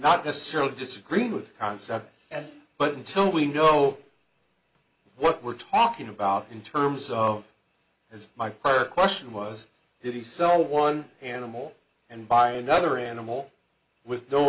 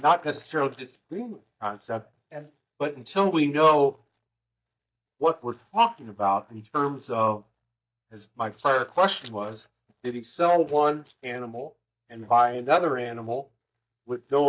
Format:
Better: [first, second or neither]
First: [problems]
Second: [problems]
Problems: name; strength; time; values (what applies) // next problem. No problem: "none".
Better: first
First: none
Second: noise reduction (neural mask model DeepFilterNet 3)